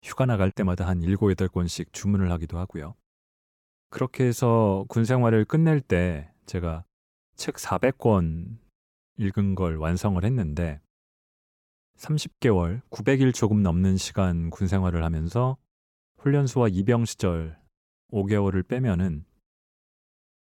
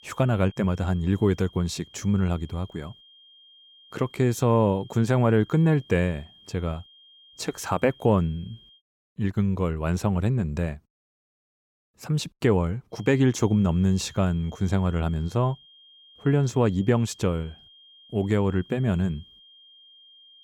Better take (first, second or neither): first